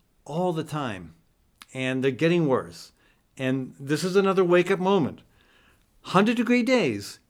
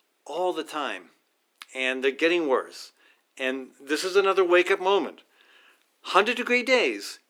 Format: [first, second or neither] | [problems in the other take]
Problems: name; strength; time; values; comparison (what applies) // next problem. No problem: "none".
first | thin; somewhat; fading below 300 Hz